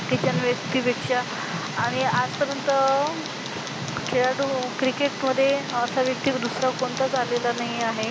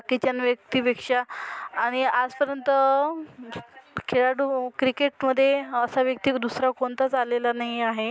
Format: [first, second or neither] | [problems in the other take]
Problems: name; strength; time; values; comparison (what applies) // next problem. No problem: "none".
second | background sound (Tick); 6 dB below the speech